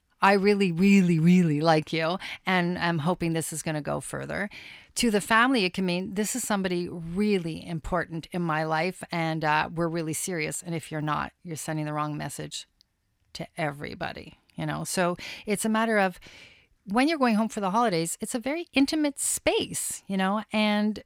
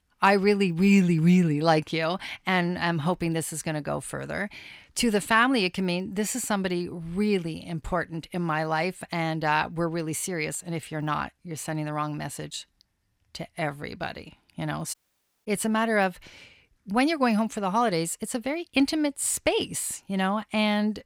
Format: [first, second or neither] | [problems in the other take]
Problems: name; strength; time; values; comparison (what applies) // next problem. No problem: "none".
first | audio cutting out; at 15 s for 0.5 s